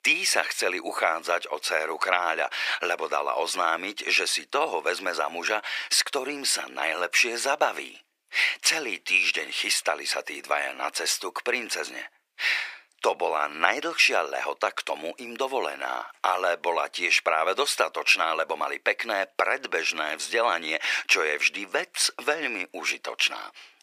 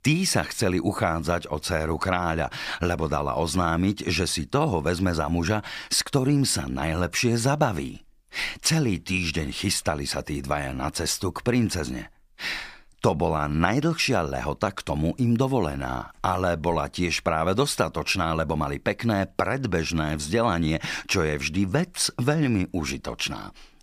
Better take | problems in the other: second | thin; very; fading below 450 Hz

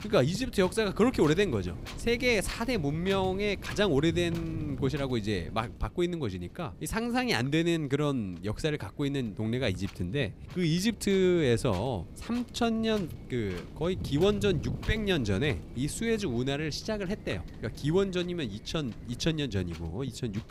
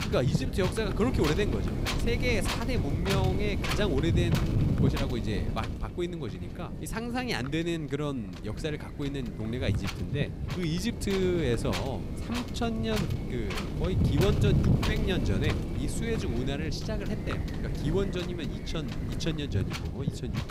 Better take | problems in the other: first | wind noise on the microphone; heavy; 3 dB below the speech; occasional gusts in the first

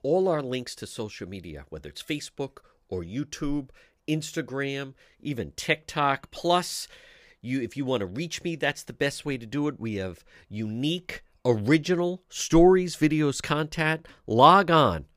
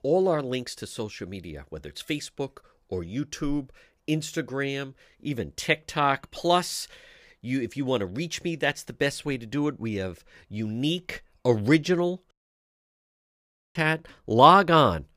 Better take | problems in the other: first | audio cutting out; at 12 s for 1.5 s

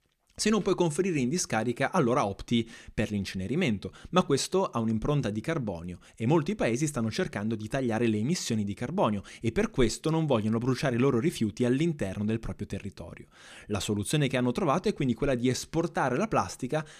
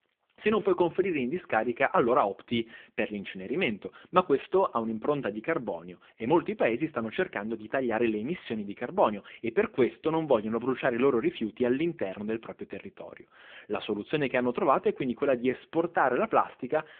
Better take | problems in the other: first | phone-call audio; poor line

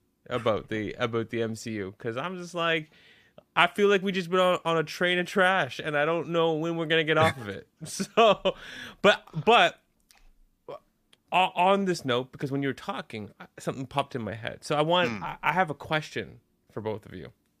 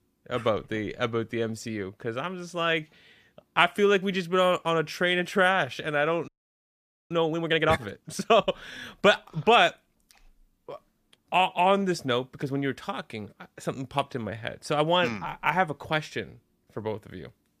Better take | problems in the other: first | audio freezing; at 6.5 s for 1 s

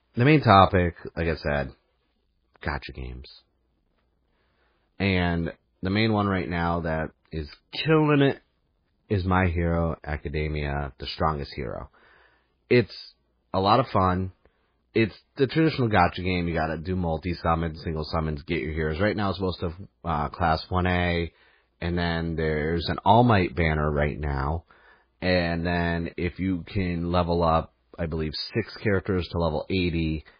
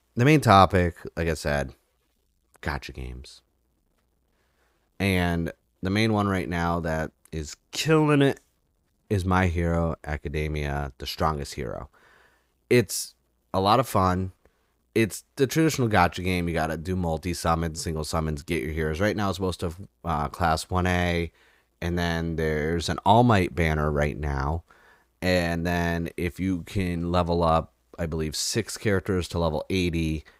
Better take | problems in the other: second | garbled, watery; badly; nothing above 4 kHz

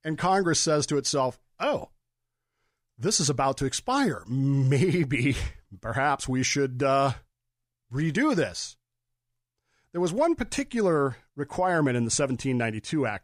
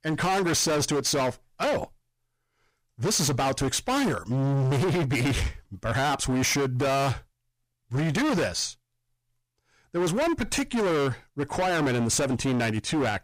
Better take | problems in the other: first | distortion; heavy; 28% of the sound clipped

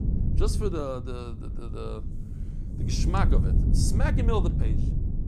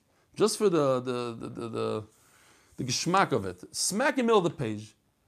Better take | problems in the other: second | low rumble; loud; throughout; 7 dB below the speech

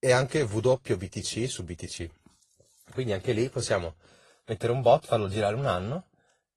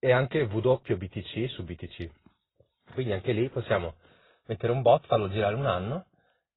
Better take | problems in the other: first | garbled, watery; badly; nothing above 4 kHz; slightly in the first

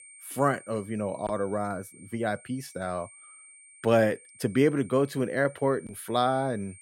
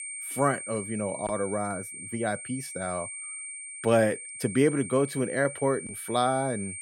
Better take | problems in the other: first | high-pitched whine; loud; throughout; 8.5 kHz, 8 dB below the speech; faint in the first

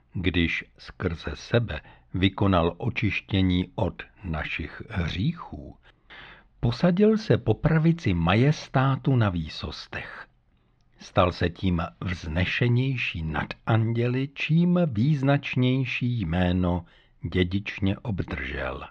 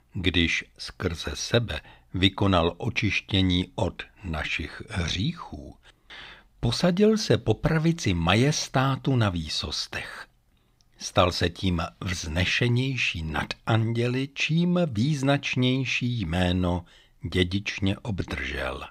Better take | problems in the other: second | muffled; slightly; fading above 2.5 kHz

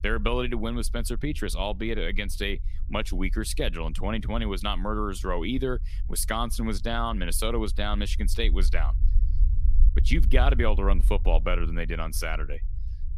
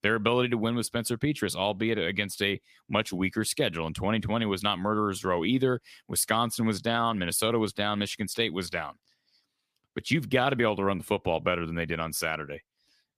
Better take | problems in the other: second | low rumble; faint; throughout; 20 dB below the speech

